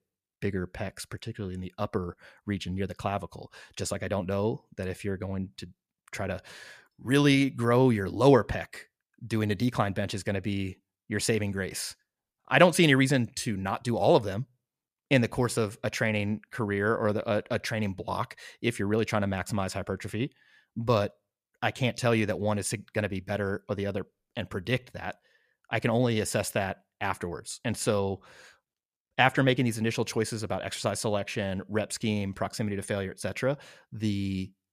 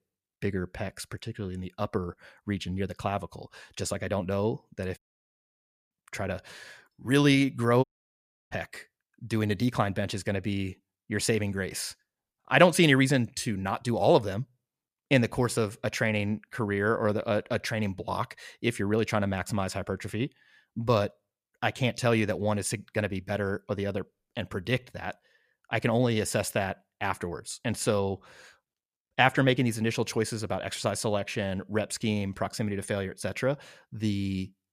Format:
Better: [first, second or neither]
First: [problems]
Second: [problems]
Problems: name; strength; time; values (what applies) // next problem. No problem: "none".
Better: first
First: none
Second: audio cutting out; at 5 s for 1 s and at 8 s for 0.5 s